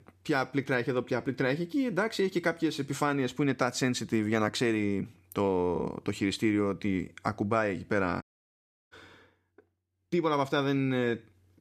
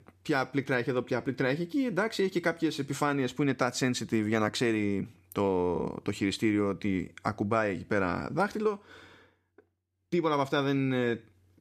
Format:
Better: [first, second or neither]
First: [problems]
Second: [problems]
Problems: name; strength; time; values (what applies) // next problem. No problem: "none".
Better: second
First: audio cutting out; at 8 s for 0.5 s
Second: none